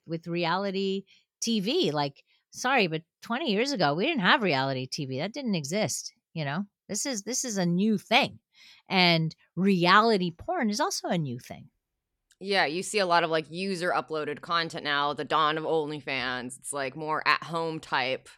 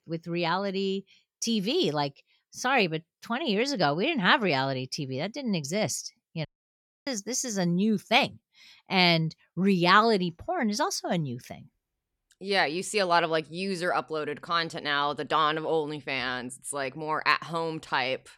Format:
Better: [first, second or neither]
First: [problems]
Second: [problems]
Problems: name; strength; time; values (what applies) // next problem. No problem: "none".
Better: first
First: none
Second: audio cutting out; at 6.5 s for 0.5 s